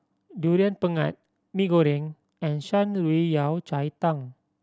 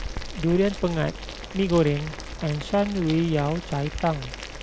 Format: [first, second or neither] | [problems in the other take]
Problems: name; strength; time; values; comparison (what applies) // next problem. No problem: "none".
first | background sound (Boiling); 10 dB below the speech